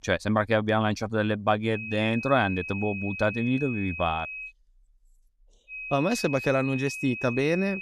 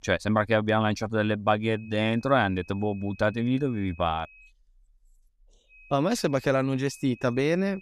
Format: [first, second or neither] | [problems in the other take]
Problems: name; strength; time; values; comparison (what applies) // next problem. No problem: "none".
second | high-pitched whine; loud; from 1.5 to 4.5 s and from 5.5 s on; 2.5 kHz, 8 dB below the speech; faint in the second